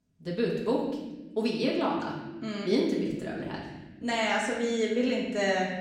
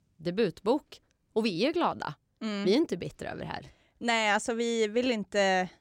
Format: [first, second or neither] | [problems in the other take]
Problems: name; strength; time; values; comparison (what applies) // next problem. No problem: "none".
second | off-mic speech; far // room echo; noticeable; dies away in 1.3 s